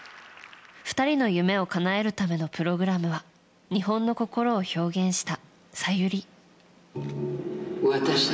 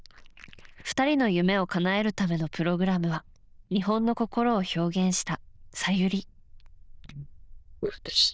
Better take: first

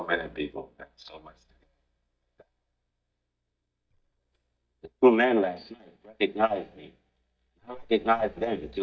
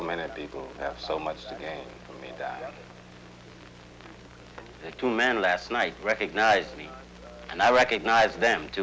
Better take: second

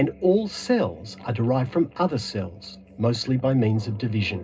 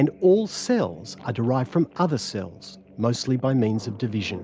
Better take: second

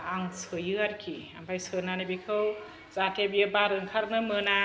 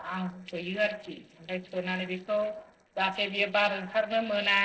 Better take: first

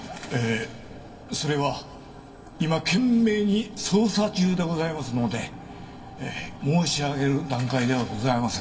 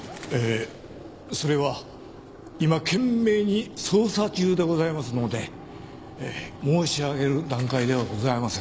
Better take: second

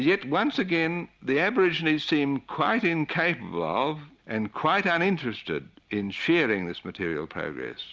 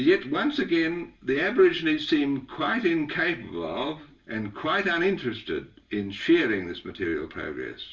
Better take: first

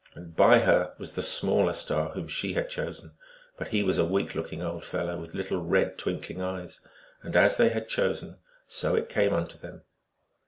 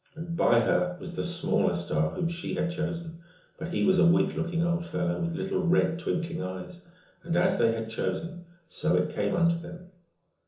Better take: first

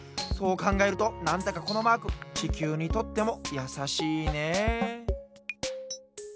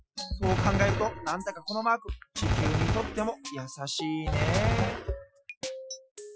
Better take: first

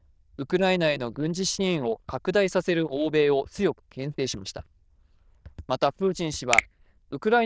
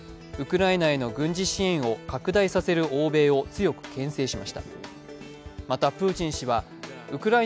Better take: second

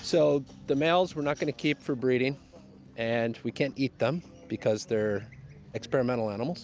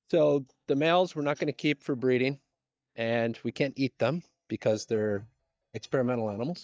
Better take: first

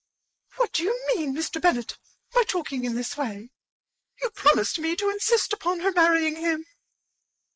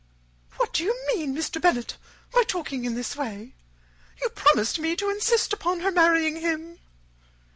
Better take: second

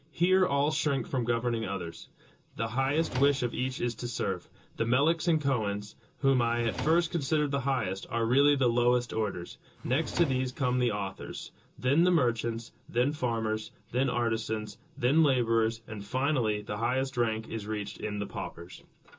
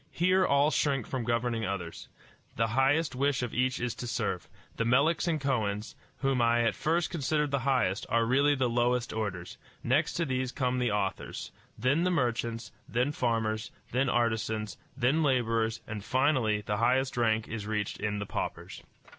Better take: second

